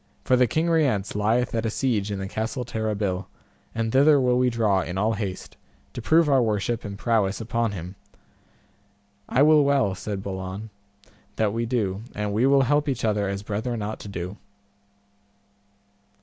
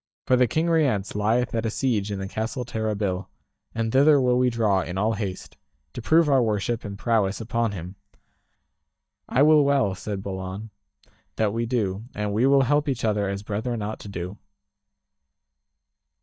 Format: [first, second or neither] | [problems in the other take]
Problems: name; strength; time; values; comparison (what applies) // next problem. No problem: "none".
first | noise reduction (neural mask model DeepFilterNet 3)